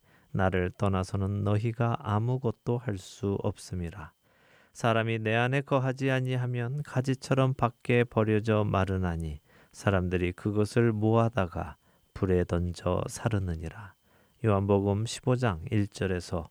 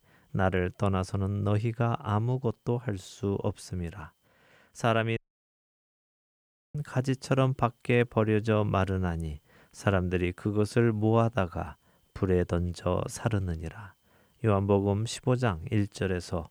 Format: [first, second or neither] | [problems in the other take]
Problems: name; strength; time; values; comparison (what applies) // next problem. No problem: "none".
first | audio cutting out; at 5 s for 1.5 s